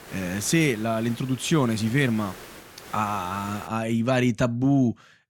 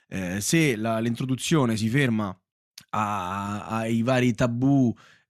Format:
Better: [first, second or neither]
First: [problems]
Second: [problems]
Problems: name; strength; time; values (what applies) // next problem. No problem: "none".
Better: second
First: hiss; noticeable; until 3.5 s; 20 dB below the speech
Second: none